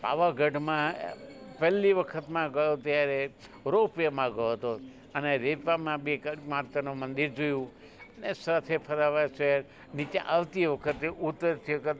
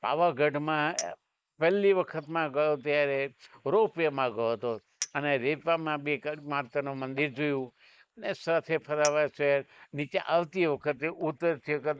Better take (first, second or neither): first